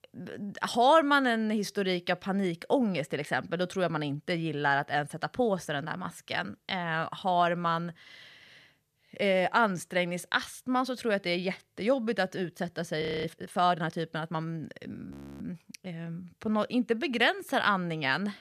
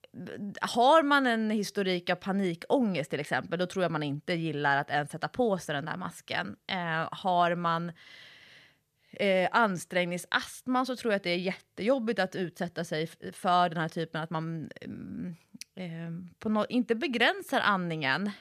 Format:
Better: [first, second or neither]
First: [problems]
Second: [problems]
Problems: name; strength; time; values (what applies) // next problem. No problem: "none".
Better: second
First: audio freezing; at 13 s and at 15 s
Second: none